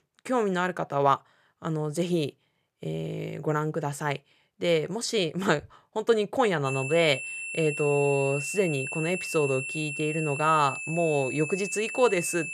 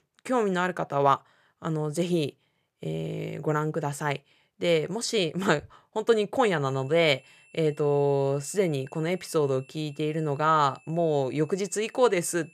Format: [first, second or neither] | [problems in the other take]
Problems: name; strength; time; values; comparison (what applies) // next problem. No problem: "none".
second | high-pitched whine; loud; from 6.5 s on; 2.5 kHz, 5 dB below the speech; faint in the second